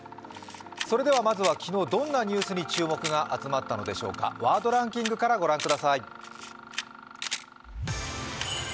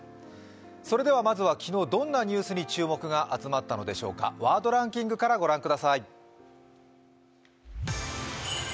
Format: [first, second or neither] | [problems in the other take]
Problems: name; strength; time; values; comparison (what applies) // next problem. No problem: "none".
second | background sound (Camera + Mechanisms); 11 dB below the speech